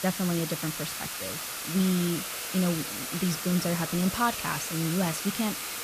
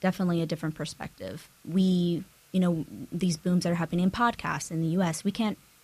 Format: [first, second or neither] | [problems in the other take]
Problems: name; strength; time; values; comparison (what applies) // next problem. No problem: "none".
second | hiss; loud; throughout; 3 dB below the speech; faint in the second